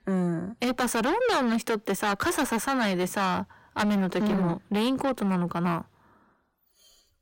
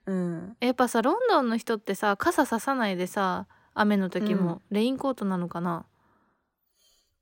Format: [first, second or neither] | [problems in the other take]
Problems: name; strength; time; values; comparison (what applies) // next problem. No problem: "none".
second | distortion; heavy; 6 dB below the speech